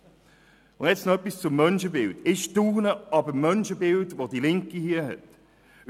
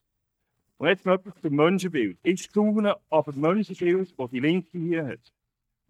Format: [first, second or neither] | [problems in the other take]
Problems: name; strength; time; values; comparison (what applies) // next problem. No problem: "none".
first | noise reduction (neural mask model DeepFilterNet 3)